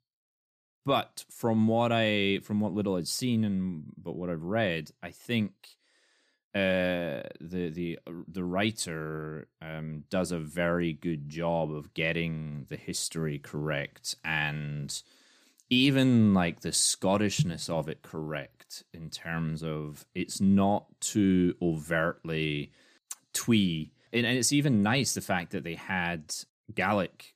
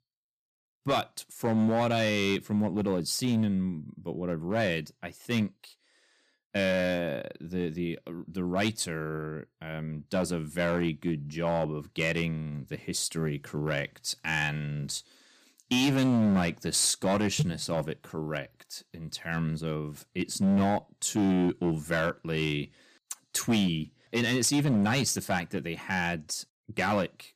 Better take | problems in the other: first | distortion; slight; 5% of the sound clipped

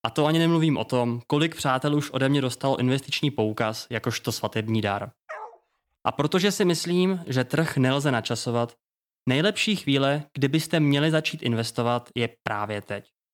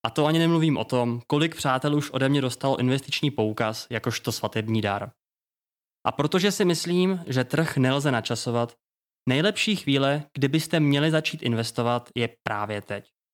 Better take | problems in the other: second | dog barking; faint; at 5.5 s; peak 15 dB below the speech

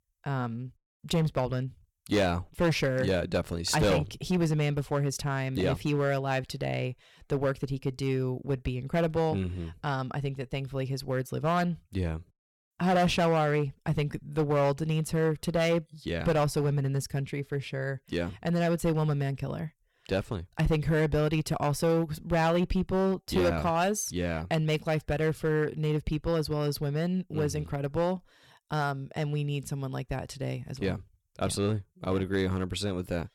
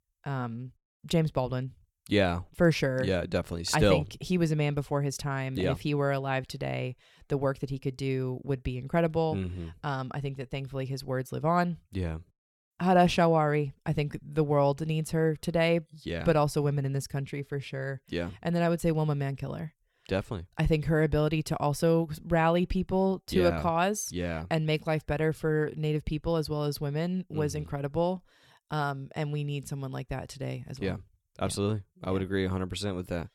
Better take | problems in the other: second | distortion; slight; 5% of the sound clipped

